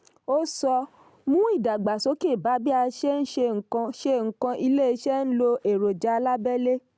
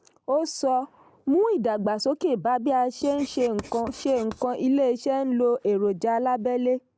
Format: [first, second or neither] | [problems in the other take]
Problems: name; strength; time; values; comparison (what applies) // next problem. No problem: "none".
first | noise reduction (neural mask model Resemble Enhance denoiser)